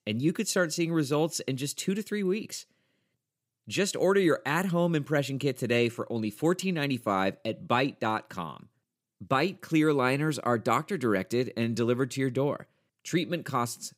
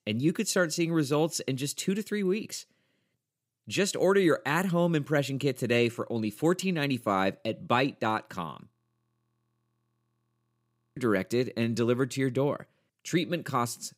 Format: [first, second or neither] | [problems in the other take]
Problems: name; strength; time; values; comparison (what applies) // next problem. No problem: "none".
first | audio freezing; at 8.5 s for 2.5 s